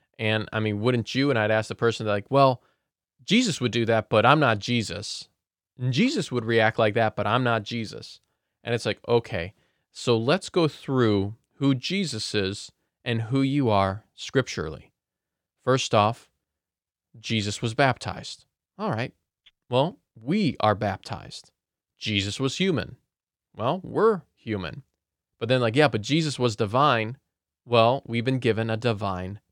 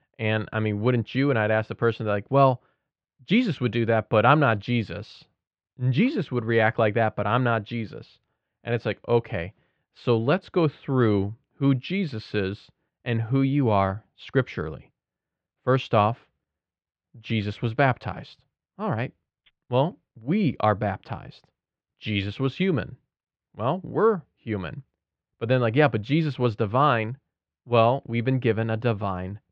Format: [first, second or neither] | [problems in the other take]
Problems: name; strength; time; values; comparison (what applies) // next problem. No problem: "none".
first | muffled; slightly; fading above 2.5 kHz